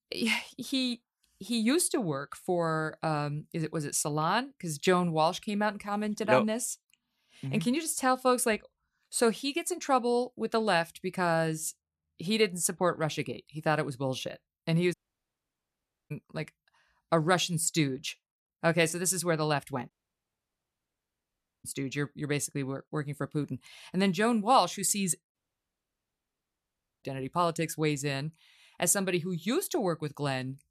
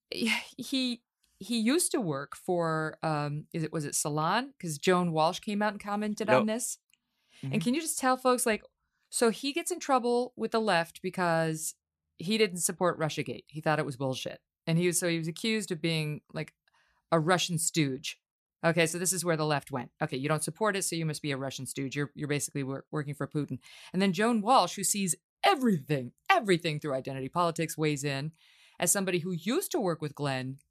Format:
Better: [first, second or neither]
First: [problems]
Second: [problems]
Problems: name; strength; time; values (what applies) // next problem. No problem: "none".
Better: second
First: audio cutting out; at 15 s for 1 s, at 20 s for 1.5 s and at 25 s for 1.5 s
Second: none